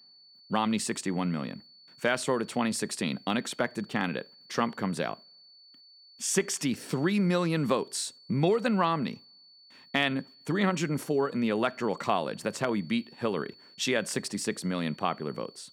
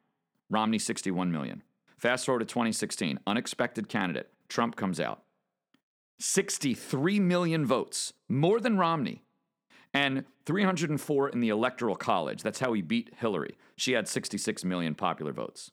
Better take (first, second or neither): second